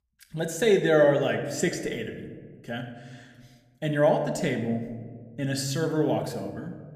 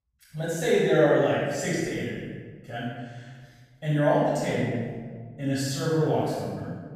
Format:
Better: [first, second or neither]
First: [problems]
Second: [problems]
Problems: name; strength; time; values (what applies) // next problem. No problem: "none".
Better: first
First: room echo; slight; dies away in 1 s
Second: room echo; strong; dies away in 1.3 s // off-mic speech; far